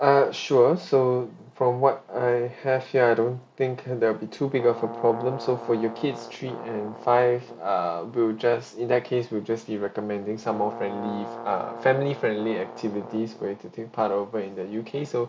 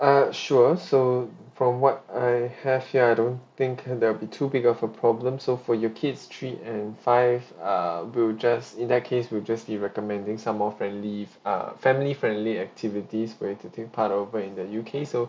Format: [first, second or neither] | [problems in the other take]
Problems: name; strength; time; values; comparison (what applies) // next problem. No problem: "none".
second | background sound (Brass instrument); 13 dB below the speech